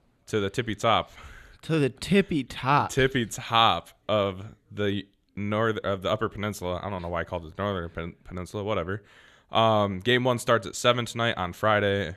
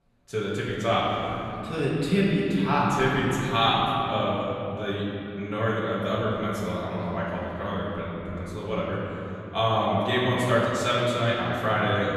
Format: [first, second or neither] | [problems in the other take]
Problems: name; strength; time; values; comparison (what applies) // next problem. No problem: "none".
first | room echo; strong; dies away in 3 s // off-mic speech; far